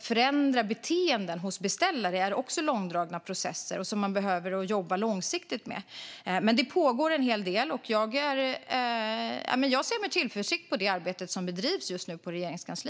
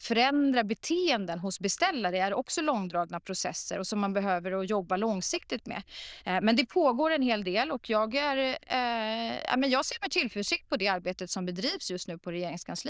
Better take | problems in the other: first | noise reduction (neural diffusion model UNIVERSE++)

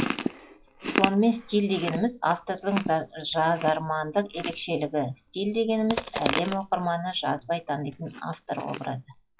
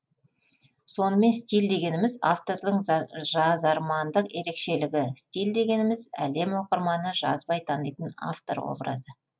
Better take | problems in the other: second | noise reduction (classical method log-MMSE)

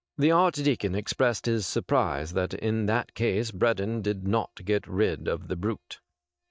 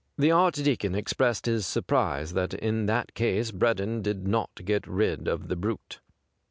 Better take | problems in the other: second | noise reduction (neural mask model DeepFilterNet 3)

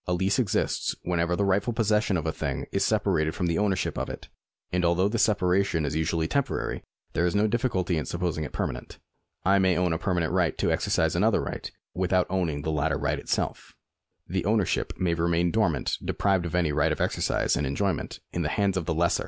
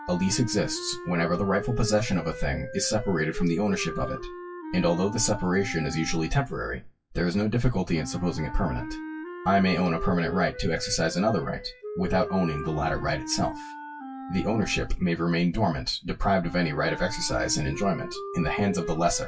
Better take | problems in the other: first | noise reduction (classical method WPE with log-MMSE)

